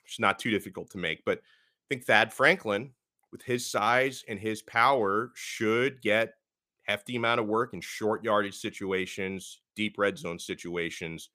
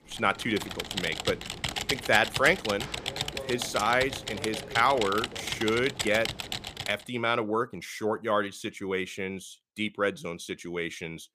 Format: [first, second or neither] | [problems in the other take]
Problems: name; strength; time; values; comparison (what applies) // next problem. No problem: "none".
first | keyboard typing; noticeable; until 7 s; peak 1 dB below the speech